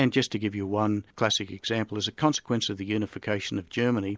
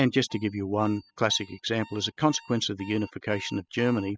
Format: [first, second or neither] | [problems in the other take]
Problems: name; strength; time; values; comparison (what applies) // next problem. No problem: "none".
first | noise reduction (classical method spectral subtraction)